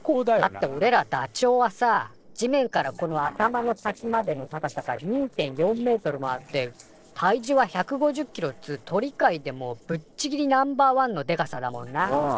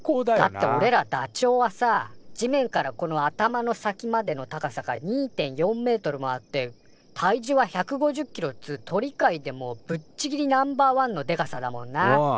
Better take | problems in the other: second | noise reduction (neural separator model SepFormer DNS4)

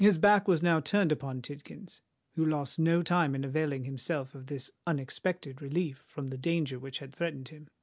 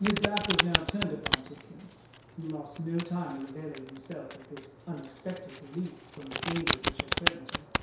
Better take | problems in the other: first | background sound (Domestic sounds, home sounds); 1 dB above the speech // room echo; dies away in 0.7 s

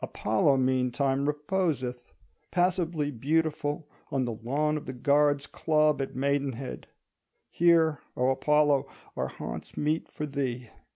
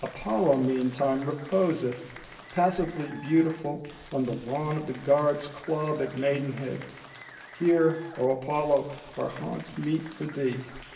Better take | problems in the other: first | background sound (Applause); 19 dB below the speech // room echo; dies away in 0.9 s

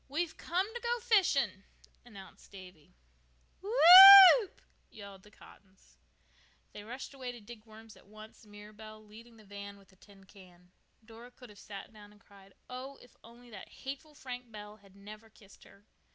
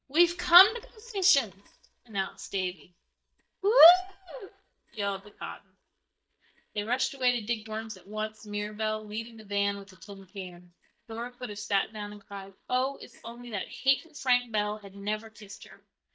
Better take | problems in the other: first | noise reduction (neural mask model DeepFilterNet 3)

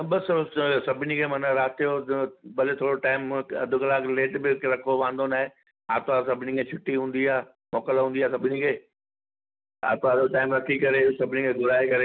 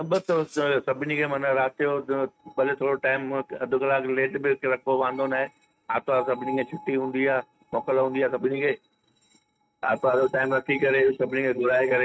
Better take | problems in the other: first | noise reduction (neural mask model RNNoise)

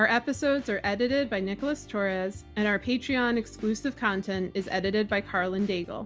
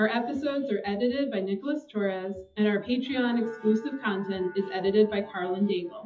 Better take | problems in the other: first | noise reduction (classical method WPE with log-MMSE)

